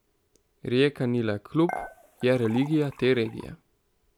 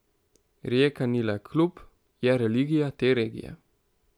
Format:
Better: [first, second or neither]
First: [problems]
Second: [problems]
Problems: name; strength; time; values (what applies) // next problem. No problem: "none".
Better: second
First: background sound (Dishes, pots, and pans / Chink, clink); 14 dB below the speech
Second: none